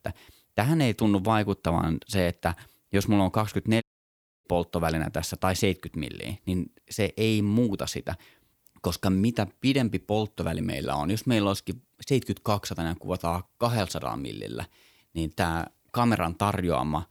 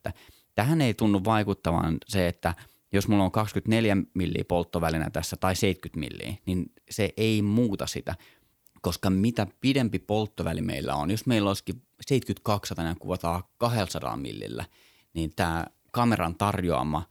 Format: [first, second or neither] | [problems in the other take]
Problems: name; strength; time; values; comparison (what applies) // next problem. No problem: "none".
second | audio cutting out; at 4 s for 0.5 s